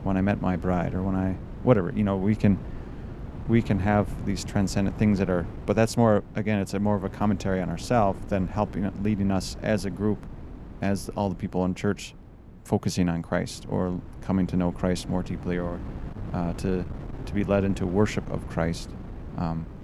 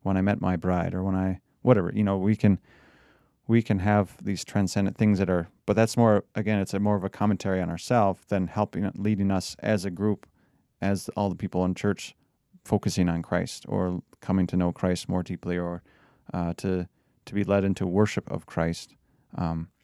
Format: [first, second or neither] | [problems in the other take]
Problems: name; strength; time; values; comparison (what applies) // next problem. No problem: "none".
second | wind noise on the microphone; occasional gusts; 15 dB below the speech